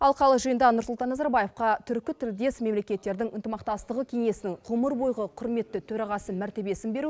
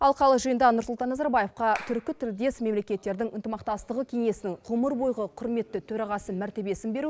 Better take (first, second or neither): first